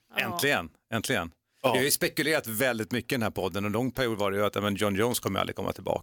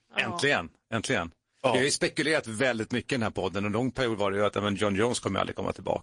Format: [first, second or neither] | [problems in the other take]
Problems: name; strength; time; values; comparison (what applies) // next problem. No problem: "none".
first | garbled, watery; slightly